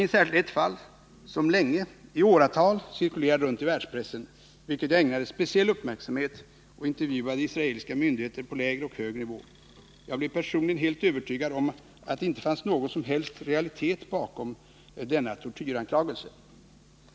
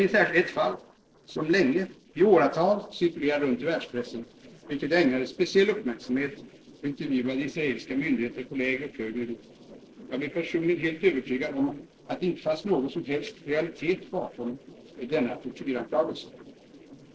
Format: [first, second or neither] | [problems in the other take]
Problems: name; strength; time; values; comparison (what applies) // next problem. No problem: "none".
first | noise reduction (neural separator model SepFormer DNS4)